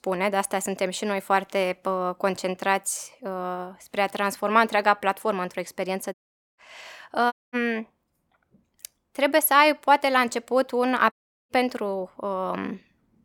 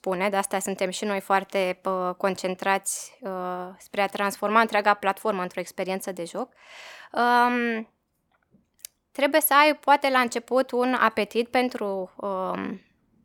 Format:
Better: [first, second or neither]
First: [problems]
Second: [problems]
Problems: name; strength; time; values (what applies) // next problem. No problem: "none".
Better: second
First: audio cutting out; at 6 s, at 7.5 s and at 11 s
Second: none